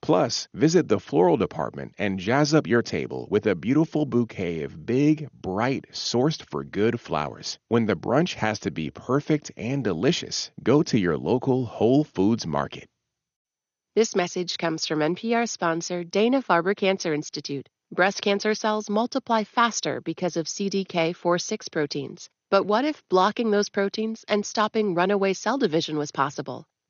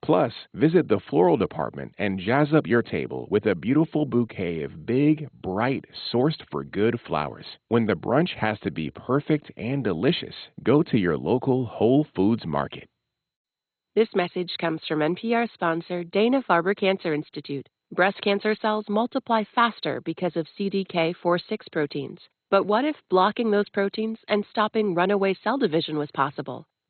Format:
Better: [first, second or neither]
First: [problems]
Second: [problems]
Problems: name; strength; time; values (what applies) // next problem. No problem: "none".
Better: first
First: garbled, watery; slightly; nothing above 6.5 kHz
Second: garbled, watery; badly; nothing above 4 kHz